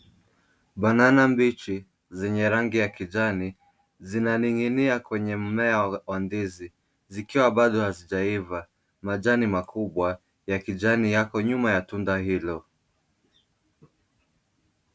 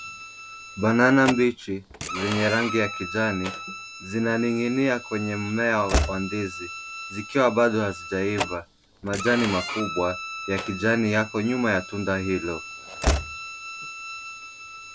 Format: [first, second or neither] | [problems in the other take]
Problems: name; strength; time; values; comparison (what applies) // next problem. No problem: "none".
first | background sound (Slam / Train + Bowed string instrument); 7 dB below the speech